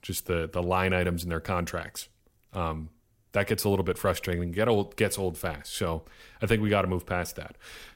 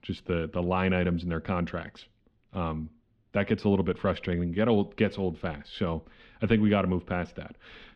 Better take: first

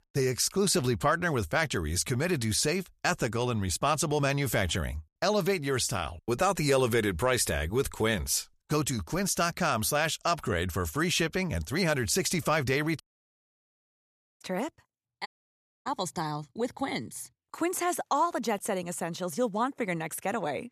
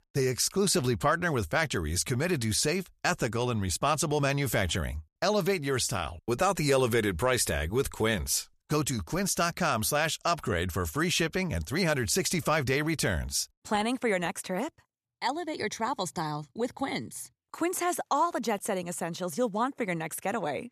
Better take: second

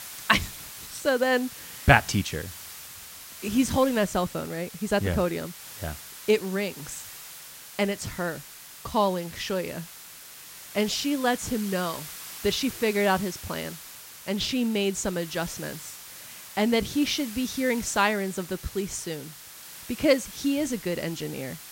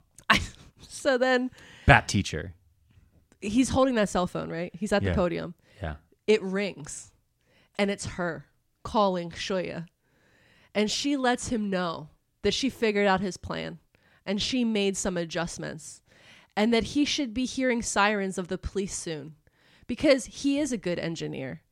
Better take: second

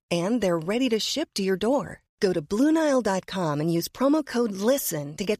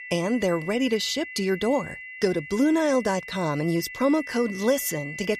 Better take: first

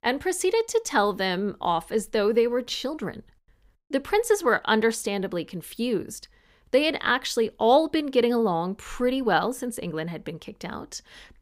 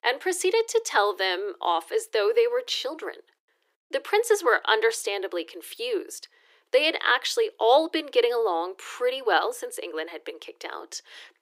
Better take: first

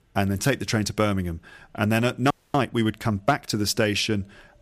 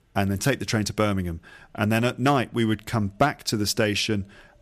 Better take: second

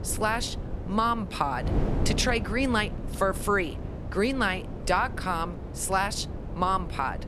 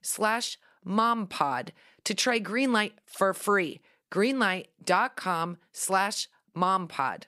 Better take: second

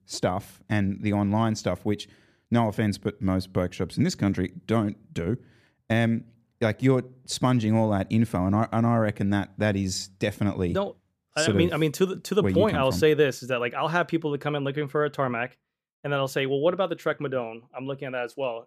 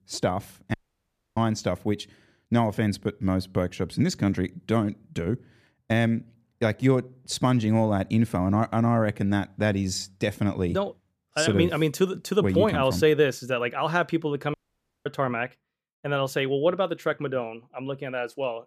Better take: first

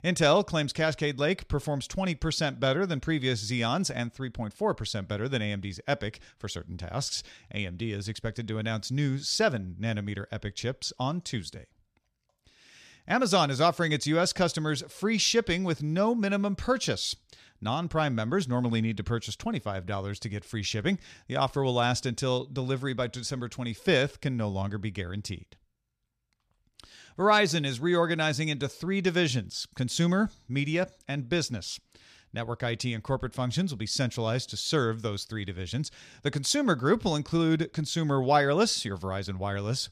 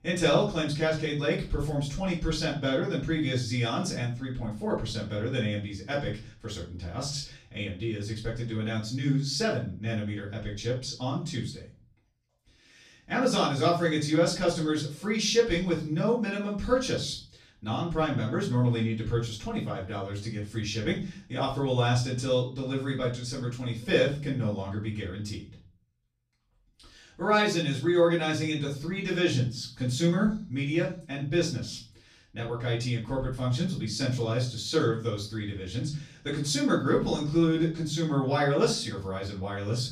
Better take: first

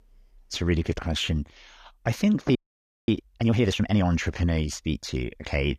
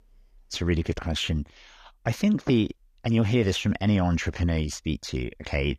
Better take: second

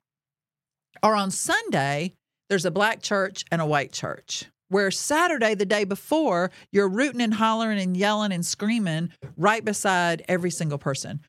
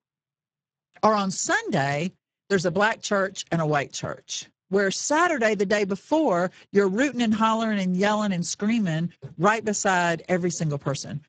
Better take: first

